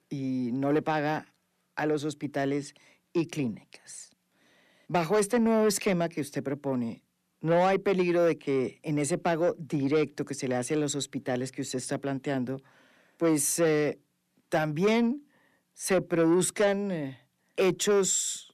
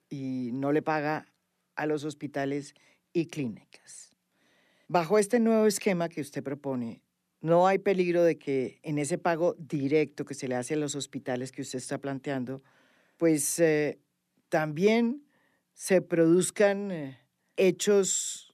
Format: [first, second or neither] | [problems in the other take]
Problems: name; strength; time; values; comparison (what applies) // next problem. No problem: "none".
second | distortion; slight; 10 dB below the speech